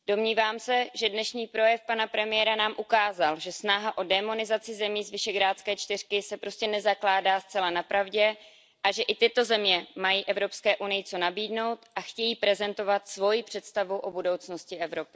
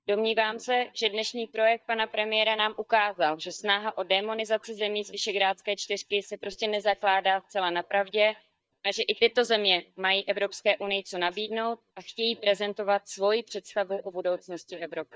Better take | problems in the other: first | noise reduction (neural mask model DeepFilterNet 3)

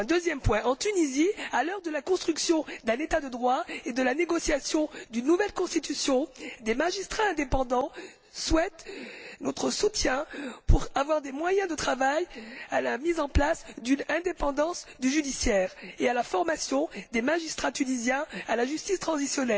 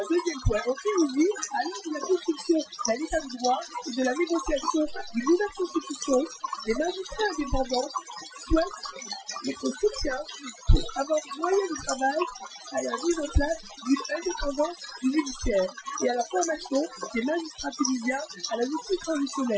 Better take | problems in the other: first | noise reduction (classical method Wiener filter)

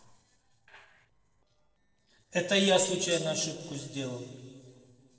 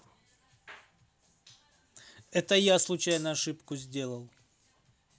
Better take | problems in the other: second | noise reduction (neural separator model SepFormer DNS4)

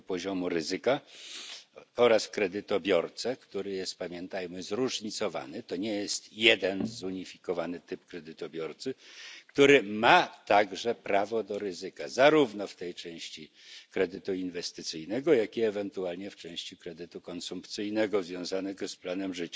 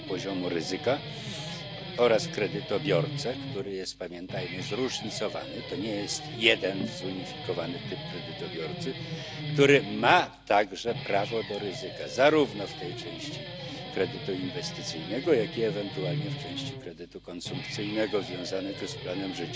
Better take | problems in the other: first | background sound (Guitar); 8 dB below the speech

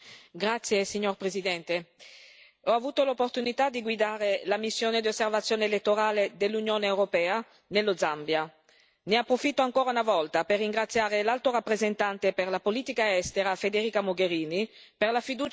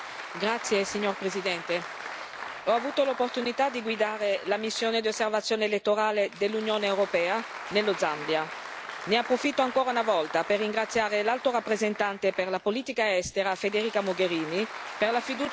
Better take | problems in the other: first | background sound (Applause); 12 dB below the speech

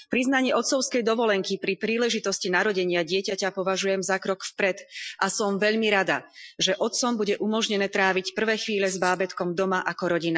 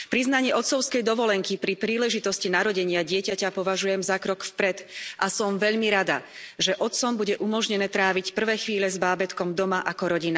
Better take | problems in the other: second | noise reduction (classical method Wiener filter)

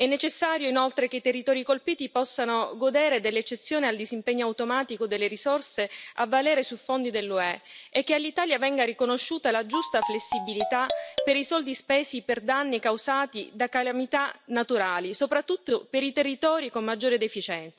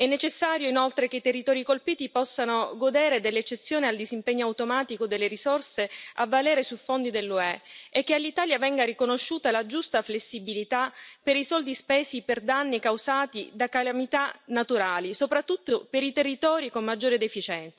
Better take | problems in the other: second | background sound (Marimba, xylophone); 5 dB below the speech

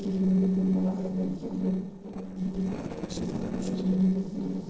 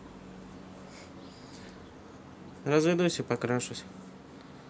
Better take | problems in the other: second | noise reduction (neural separator model SepFormer DNS4)

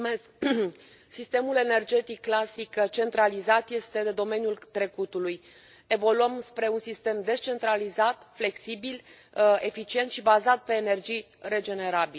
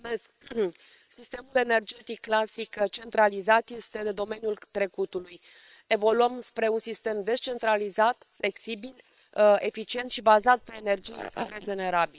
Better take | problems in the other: first | noise reduction (neural separator model SepFormer WHAM!)

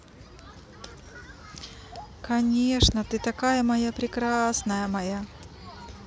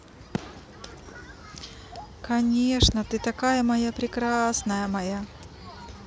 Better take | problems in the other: first | background sound (Fireworks); 19 dB below the speech

